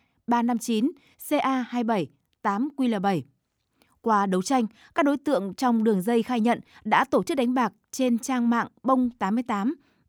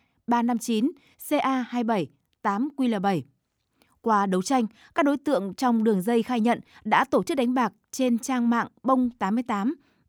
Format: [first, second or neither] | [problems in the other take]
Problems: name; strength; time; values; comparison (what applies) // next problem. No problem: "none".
neither | none